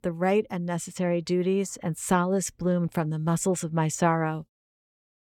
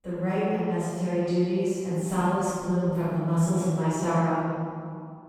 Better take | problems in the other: first | off-mic speech; far // room echo; strong; dies away in 2.2 s

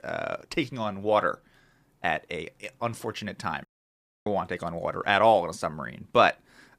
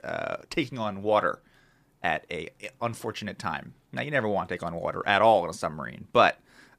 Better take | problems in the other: second | audio cutting out; at 3.5 s for 0.5 s

